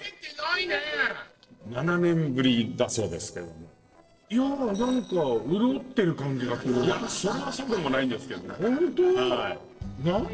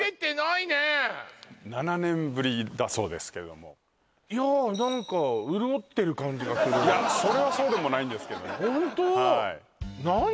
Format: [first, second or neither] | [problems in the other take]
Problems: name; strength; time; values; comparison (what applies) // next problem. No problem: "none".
second | noise reduction (neural separator model SepFormer DNS4)